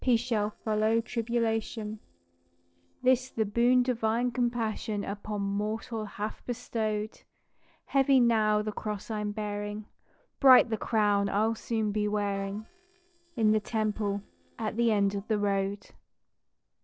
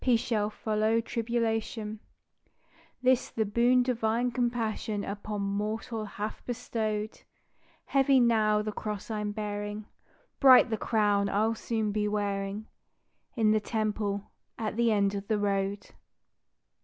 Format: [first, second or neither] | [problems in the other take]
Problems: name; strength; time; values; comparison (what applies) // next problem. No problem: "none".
second | noise reduction (neural separator model SepFormer DNS4)